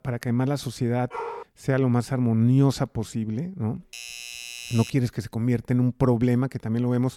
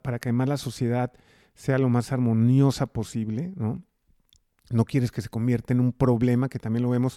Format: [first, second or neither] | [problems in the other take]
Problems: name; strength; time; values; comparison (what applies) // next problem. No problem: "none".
second | dog barking; noticeable; at 1 s; peak 9 dB below the speech // doorbell; faint; from 4 to 5 s; peak 10 dB below the speech